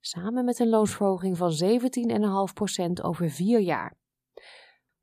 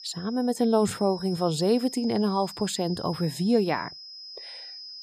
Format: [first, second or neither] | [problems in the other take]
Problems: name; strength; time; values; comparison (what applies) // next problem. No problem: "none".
first | high-pitched whine; noticeable; throughout; 5 kHz, 15 dB below the speech